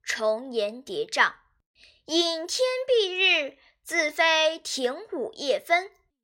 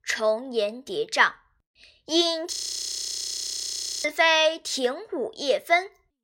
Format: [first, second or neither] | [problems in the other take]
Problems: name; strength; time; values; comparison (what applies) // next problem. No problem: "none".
first | audio freezing; at 2.5 s for 1.5 s